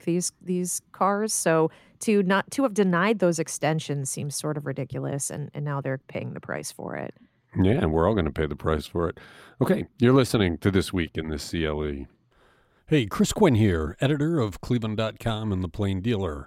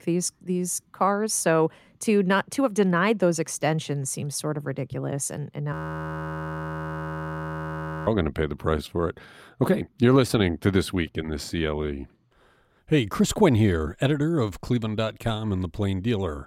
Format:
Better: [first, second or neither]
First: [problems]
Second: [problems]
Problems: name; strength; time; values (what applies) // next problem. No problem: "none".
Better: first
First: none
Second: audio freezing; at 5.5 s for 2.5 s